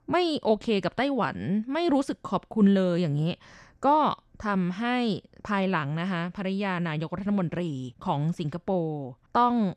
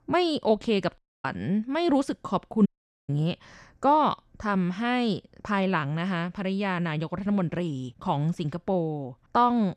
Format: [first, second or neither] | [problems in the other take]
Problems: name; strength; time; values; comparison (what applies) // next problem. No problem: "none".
first | audio cutting out; at 1 s and at 2.5 s